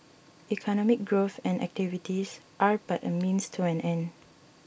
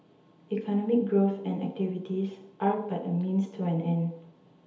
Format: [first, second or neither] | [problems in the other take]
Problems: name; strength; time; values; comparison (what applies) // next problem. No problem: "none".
first | room echo; dies away in 0.8 s